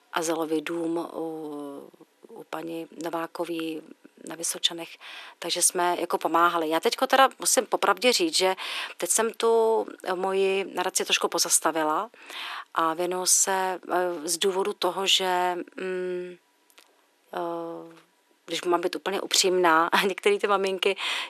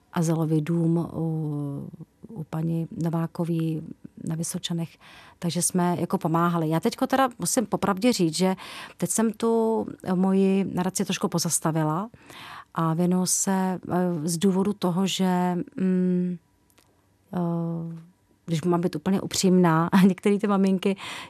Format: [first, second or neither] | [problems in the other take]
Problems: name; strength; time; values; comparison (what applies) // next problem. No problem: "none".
second | thin; very; fading below 350 Hz